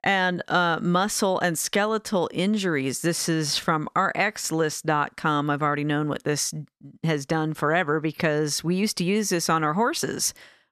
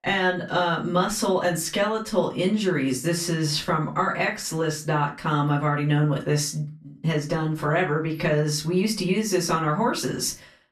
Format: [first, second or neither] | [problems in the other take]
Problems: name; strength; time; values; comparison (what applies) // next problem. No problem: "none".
first | off-mic speech; far // room echo; very slight; dies away in 0.3 s